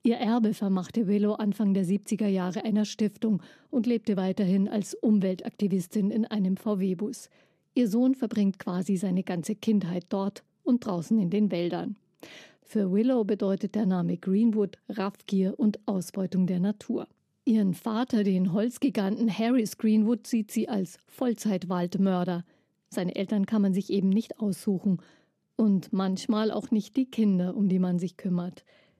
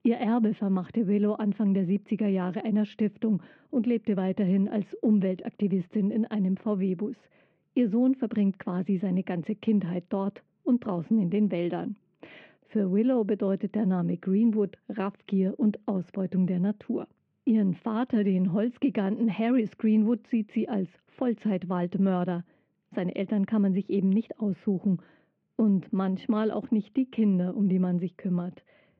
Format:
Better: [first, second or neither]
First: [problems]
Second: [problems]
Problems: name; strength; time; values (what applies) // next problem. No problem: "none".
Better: first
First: none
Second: muffled; very; fading above 2.5 kHz